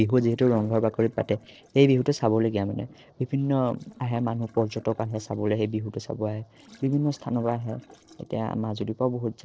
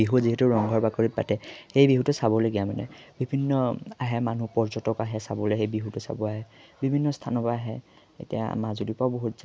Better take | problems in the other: second | noise reduction (neural separator model SepFormer DNS4)

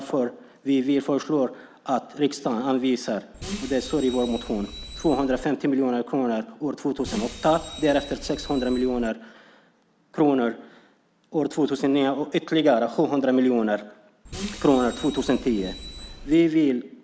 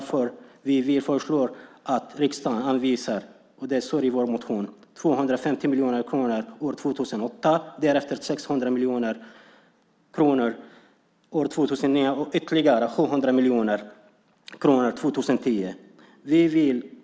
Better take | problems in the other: second | background sound (Bus); 13 dB below the speech

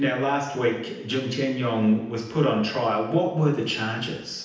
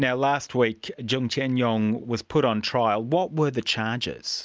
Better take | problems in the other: second | room echo; dies away in 0.9 s

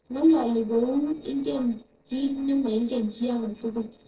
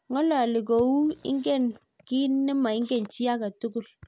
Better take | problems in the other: second | noise reduction (neural separator model SepFormer DNS4)

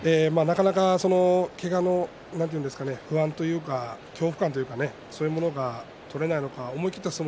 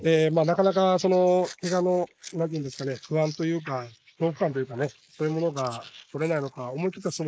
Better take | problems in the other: first | noise reduction (neural mask model Resemble Enhance denoiser)

